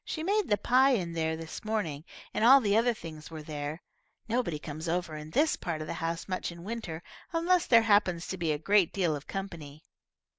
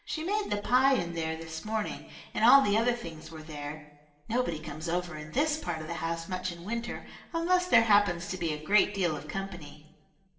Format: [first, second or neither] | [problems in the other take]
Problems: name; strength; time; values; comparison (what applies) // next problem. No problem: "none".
first | room echo; dies away in 0.8 s